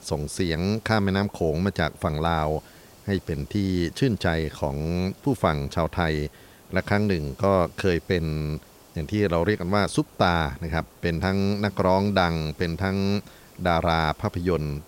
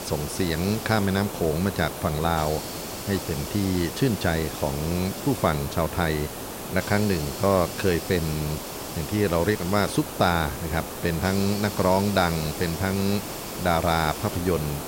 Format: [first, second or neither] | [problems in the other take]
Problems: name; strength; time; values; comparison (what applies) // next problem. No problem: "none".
first | hiss; loud; throughout; 8 dB below the speech; faint in the first